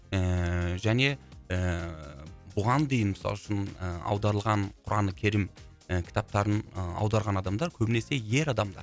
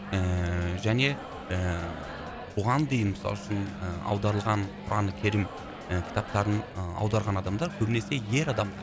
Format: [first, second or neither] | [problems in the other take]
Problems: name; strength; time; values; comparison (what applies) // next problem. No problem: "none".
first | background sound (Microwave oven); 11 dB below the speech